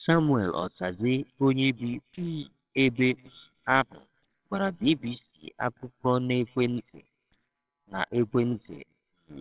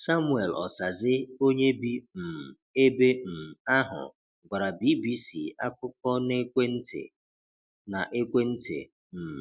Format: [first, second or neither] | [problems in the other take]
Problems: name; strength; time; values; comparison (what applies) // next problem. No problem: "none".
second | noise reduction (neural separator model SepFormer WHAMR!)